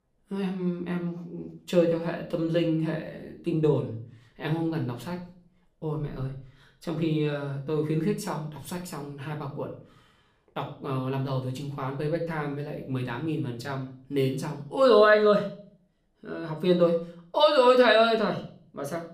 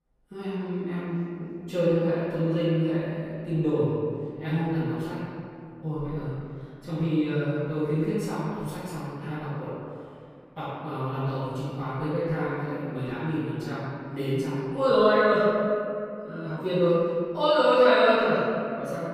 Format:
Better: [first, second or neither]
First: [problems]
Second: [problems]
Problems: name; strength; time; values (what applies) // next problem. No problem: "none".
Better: first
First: room echo; slight; dies away in 0.4 s // off-mic speech; somewhat distant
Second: room echo; strong; dies away in 2.3 s // off-mic speech; far